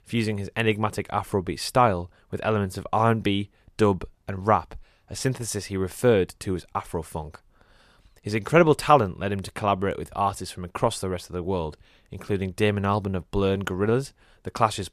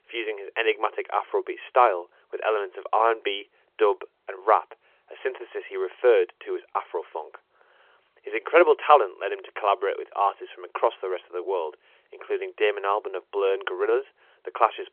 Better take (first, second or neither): first